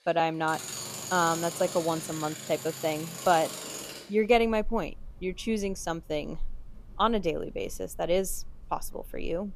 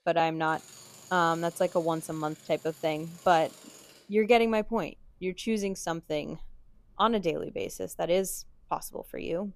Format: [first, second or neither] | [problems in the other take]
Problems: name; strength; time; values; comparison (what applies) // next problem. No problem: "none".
second | machinery noise; loud; throughout; 9 dB below the speech; faint in the second